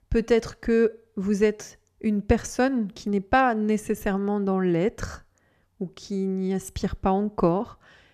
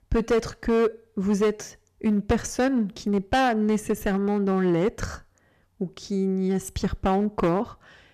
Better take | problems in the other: first | distortion; slight; 7% of the sound clipped

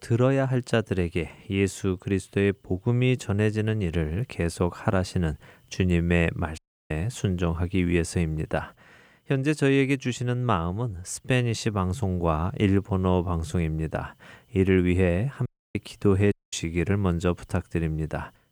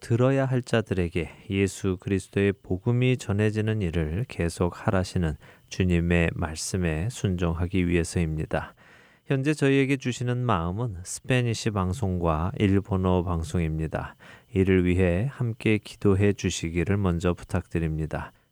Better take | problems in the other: second | audio cutting out; at 6.5 s, at 15 s and at 16 s

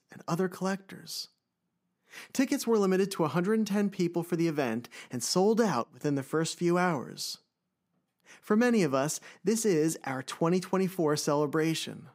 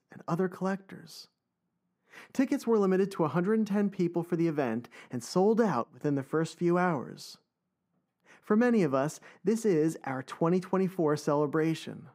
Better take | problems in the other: first | muffled; slightly; fading above 2.5 kHz

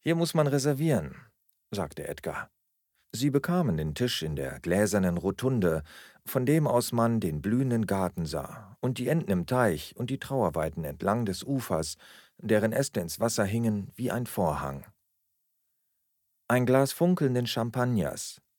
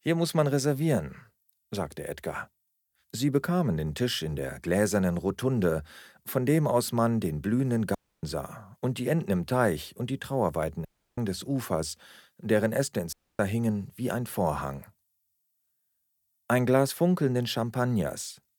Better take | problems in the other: first | audio cutting out; at 8 s, at 11 s and at 13 s

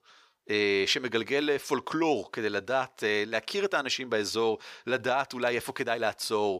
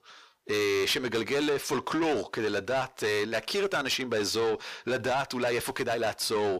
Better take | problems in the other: first | distortion; heavy; 8 dB below the speech

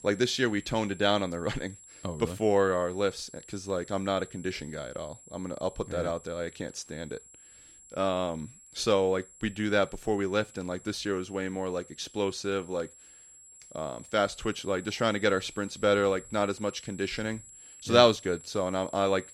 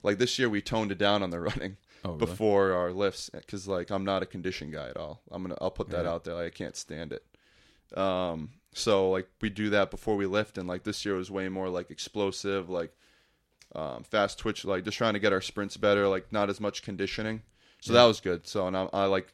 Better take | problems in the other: second | high-pitched whine; noticeable; throughout; 7.5 kHz, 20 dB below the speech

